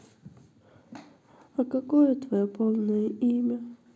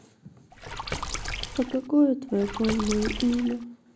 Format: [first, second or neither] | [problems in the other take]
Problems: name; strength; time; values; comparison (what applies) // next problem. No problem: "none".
first | background sound (Water / Splash, splatter); 7 dB below the speech